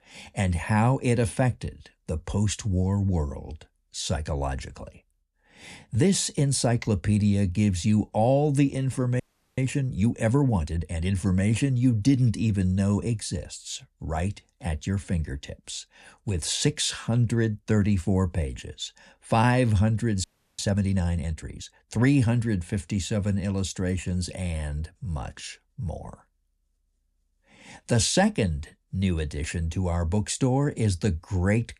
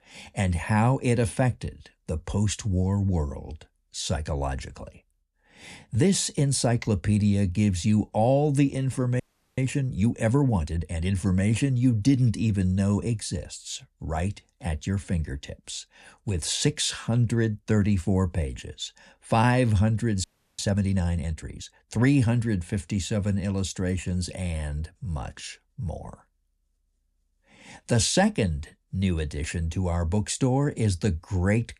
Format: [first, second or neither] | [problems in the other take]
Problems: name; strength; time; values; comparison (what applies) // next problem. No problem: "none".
neither | audio freezing; at 9 s and at 20 s; the same in both